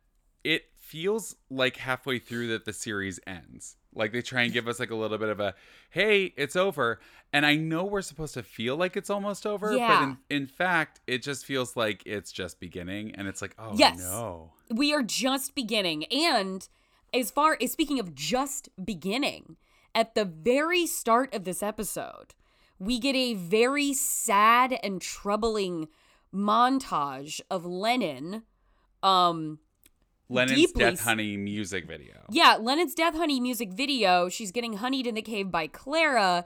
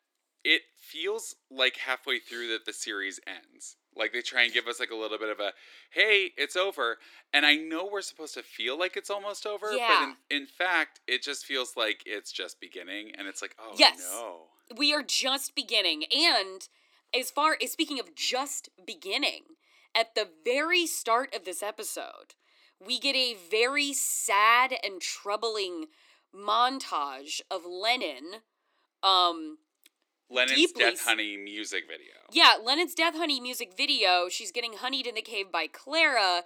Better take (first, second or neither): first